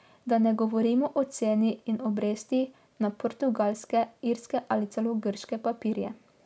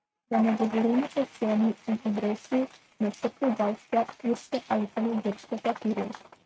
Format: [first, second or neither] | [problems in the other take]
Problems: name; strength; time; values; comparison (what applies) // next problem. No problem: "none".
first | noise reduction (neural mask model RNNoise)